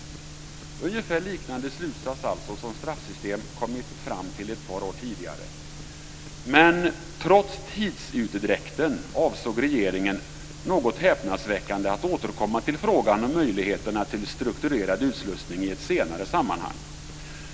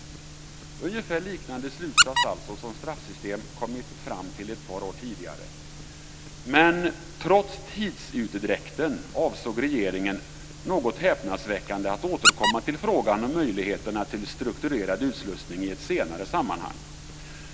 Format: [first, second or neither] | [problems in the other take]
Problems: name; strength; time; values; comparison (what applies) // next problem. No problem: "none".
first | background sound (Squeak); 1 dB above the speech